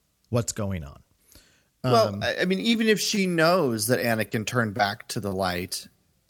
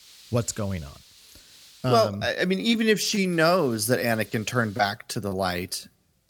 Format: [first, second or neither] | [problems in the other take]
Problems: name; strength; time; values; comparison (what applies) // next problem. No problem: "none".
first | hiss; faint; until 2 s and from 3.5 to 5 s; 25 dB below the speech